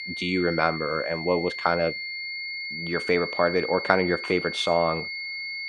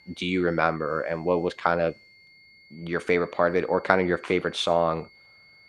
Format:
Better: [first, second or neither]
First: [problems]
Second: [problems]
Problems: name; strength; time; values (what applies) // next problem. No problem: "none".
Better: second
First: high-pitched whine; loud; throughout; 2 kHz, 6 dB below the speech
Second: high-pitched whine; faint; throughout; 2 kHz, 30 dB below the speech